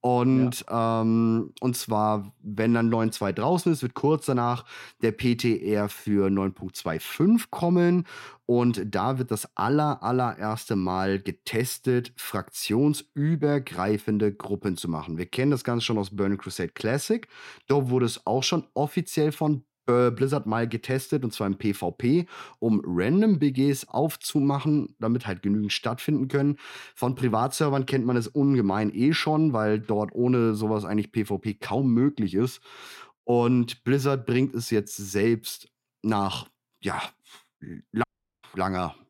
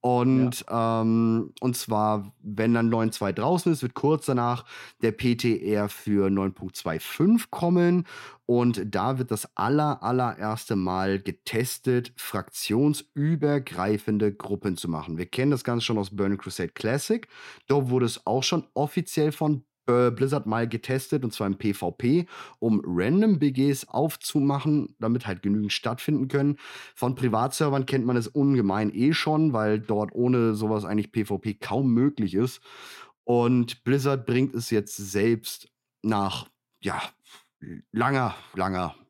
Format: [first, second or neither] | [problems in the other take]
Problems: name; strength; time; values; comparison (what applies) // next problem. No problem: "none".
second | audio cutting out; at 38 s